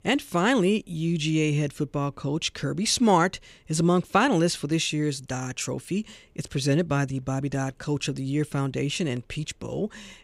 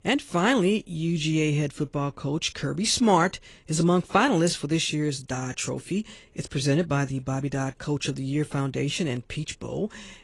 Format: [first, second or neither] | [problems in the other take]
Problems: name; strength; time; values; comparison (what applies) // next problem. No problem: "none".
first | garbled, watery; slightly; nothing above 10.5 kHz